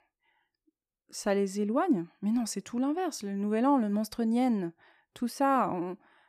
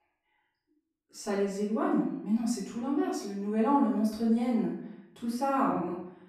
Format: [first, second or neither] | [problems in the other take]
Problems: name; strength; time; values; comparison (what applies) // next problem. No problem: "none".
first | off-mic speech; far // room echo; noticeable; dies away in 0.7 s